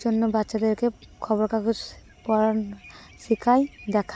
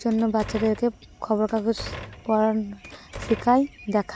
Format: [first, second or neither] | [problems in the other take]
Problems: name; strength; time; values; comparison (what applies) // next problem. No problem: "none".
first | background sound (Door); 16 dB below the speech